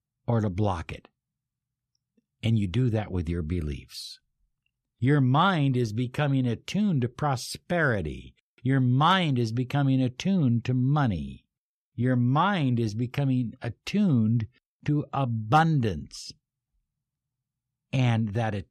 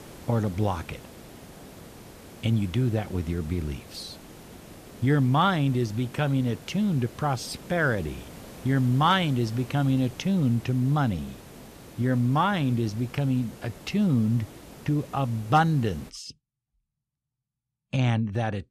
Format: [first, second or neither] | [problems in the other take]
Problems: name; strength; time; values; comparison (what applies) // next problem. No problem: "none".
first | hiss; noticeable; until 16 s; 20 dB below the speech